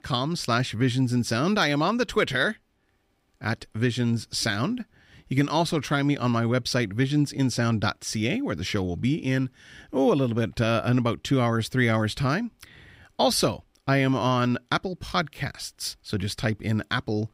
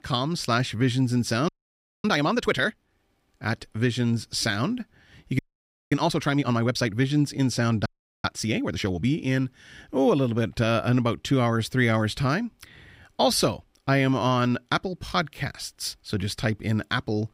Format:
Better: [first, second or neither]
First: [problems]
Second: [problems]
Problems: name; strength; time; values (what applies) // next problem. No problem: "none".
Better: first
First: none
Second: audio freezing; at 1.5 s for 0.5 s, at 5.5 s for 0.5 s and at 8 s